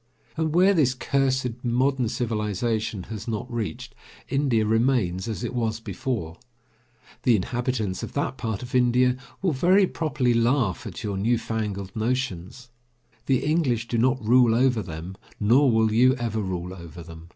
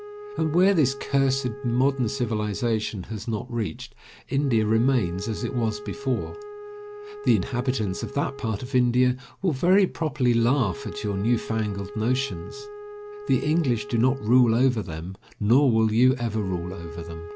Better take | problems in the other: first | background sound (Wind instrument, woodwind instrument); 15 dB below the speech

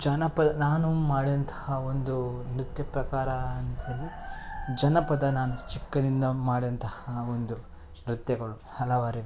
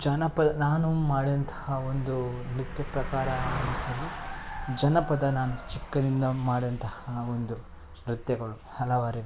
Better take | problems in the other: first | background sound (Car passing by); 15 dB below the speech

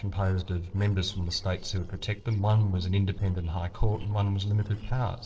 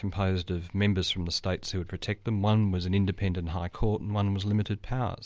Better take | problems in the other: second | noise reduction (neural separator model SepFormer DNS4)

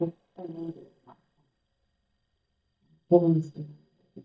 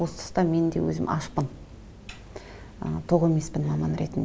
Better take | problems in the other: second | noise reduction (neural mask model DeepFilterNet 3)

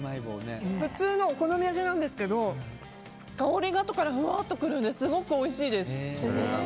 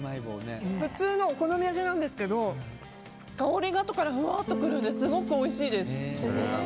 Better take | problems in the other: first | background sound (Electric guitar / Strum); 4 dB below the speech

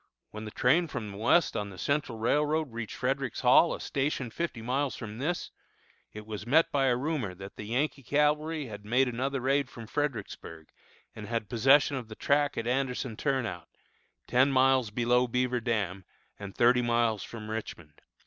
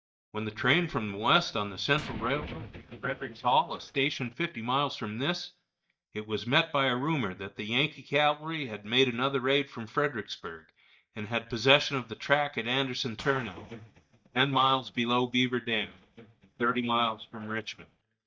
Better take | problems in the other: first | noise reduction (neural mask model DeepFilterNet 3)

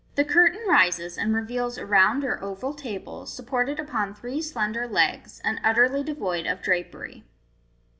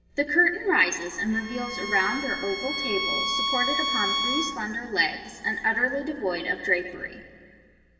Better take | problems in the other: first | background sound (Bowed string instrument); 1 dB below the speech // room echo; dies away in 2.4 s

